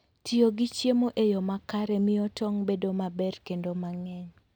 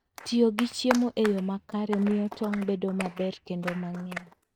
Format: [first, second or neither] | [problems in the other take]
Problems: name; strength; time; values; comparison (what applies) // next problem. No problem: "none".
first | noise reduction (neural mask model RNNoise)